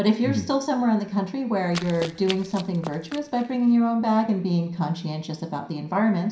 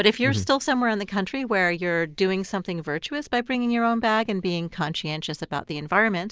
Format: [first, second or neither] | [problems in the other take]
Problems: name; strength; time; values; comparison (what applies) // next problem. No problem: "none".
second | background sound (Run); 15 dB below the speech // room echo; dies away in 0.5 s